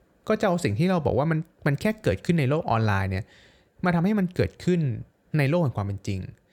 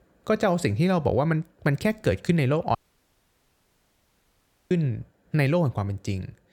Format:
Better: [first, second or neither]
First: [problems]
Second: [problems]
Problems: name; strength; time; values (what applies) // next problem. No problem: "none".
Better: first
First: none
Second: audio cutting out; at 3 s for 2 s